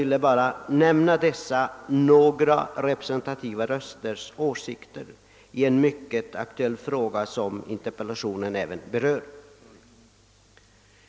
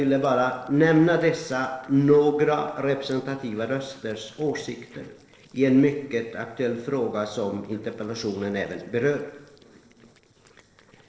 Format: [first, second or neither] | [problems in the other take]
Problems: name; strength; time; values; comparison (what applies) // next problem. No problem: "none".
first | noise reduction (neural separator model SepFormer DNS4)